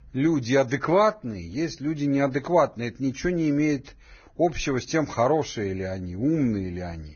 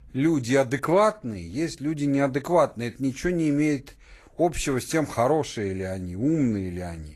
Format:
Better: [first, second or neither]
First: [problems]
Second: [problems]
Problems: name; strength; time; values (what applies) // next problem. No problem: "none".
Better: second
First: garbled, watery; badly; nothing above 6.5 kHz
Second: garbled, watery; slightly; nothing above 12.5 kHz